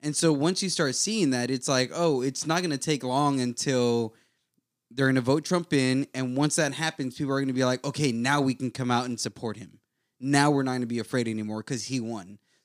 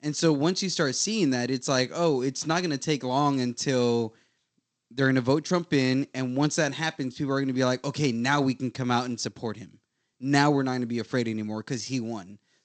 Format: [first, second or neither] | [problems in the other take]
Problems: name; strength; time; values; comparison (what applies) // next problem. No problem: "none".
first | garbled, watery; slightly; nothing above 7.5 kHz